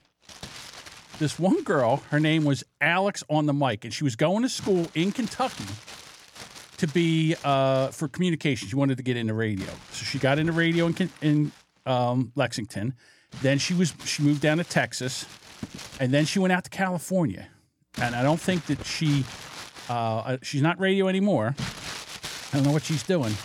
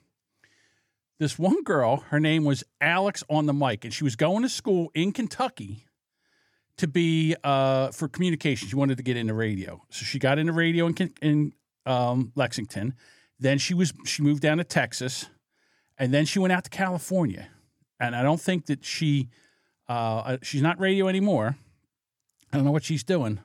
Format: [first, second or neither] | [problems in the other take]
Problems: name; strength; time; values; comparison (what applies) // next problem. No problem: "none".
second | household noises; noticeable; throughout; 15 dB below the speech